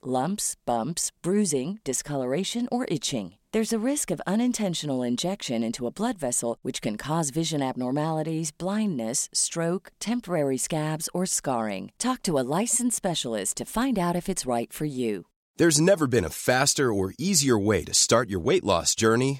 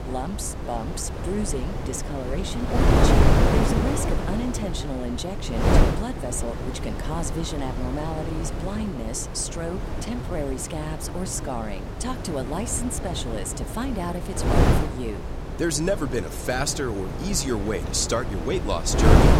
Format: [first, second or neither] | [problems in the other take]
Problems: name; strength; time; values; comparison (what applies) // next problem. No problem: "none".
first | wind noise on the microphone; heavy; as loud as the speech